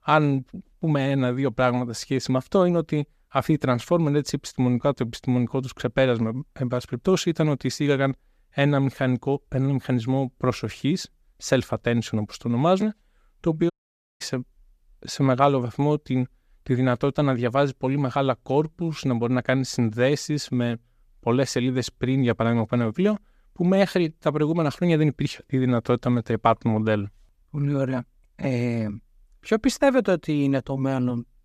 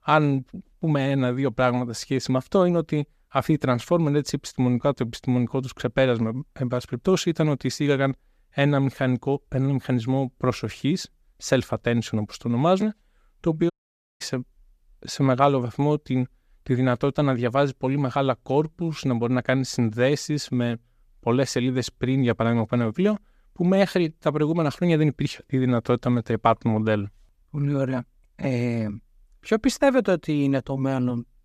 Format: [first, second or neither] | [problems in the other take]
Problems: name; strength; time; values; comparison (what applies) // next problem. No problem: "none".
neither | audio cutting out; at 14 s for 0.5 s; the same in both